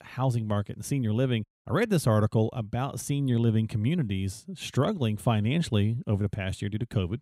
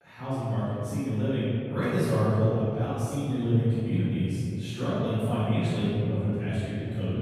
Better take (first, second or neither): first